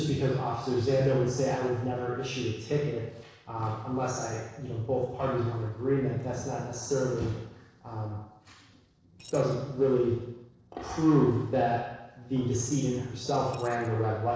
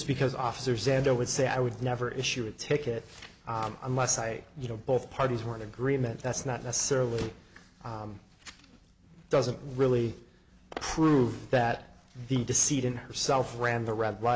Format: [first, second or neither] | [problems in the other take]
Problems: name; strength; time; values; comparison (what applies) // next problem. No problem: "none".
second | noise reduction (neural separator model SepFormer DNS4)